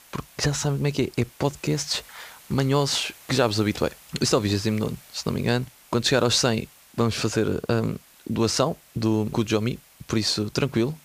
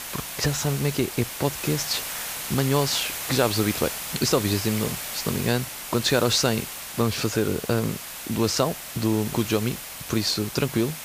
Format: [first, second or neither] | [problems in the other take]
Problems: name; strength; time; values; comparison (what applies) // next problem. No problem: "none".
first | hiss; loud; throughout; 6 dB below the speech; faint in the first